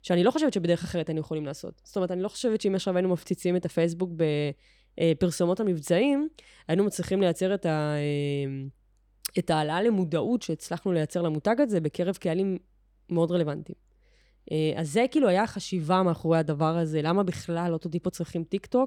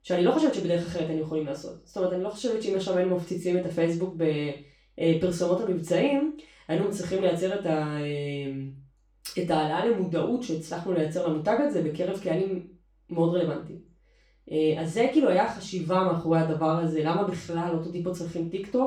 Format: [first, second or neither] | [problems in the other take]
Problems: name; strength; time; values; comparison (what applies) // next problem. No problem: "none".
first | room echo; noticeable; dies away in 0.3 s // off-mic speech; far